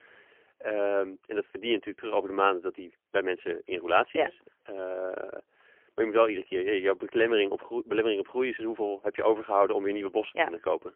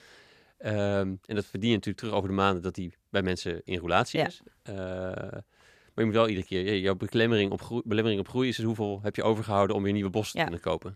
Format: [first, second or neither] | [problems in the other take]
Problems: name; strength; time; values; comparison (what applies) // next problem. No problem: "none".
second | phone-call audio; poor line; nothing above 3 kHz